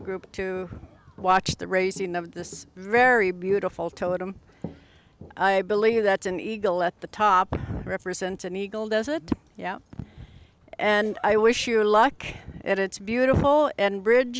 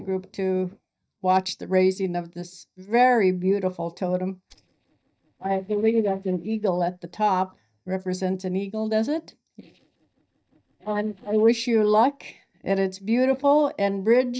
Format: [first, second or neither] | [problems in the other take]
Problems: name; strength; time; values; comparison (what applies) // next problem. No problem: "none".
first | noise reduction (neural mask model DeepFilterNet 3)